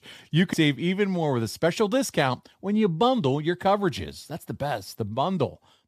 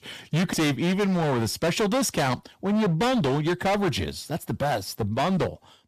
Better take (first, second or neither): first